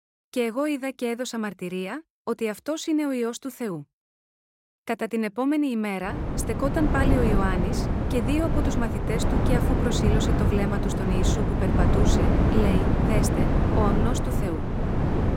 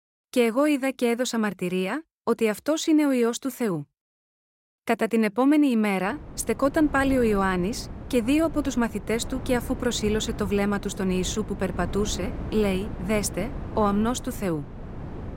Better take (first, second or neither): second